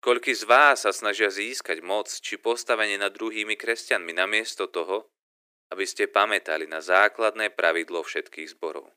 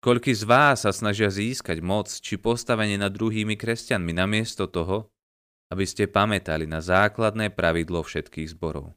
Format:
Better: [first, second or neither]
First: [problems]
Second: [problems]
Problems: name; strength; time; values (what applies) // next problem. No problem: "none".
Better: second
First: thin; very; fading below 350 Hz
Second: none